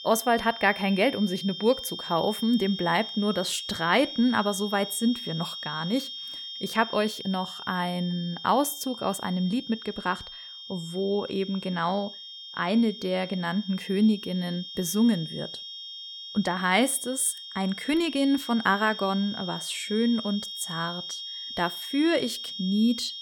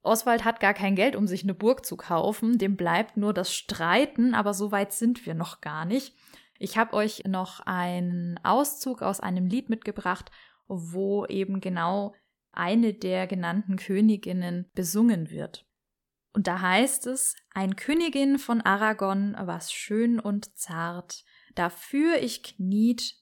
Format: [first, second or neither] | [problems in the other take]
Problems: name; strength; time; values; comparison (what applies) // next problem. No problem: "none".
second | high-pitched whine; loud; throughout; 3 kHz, 9 dB below the speech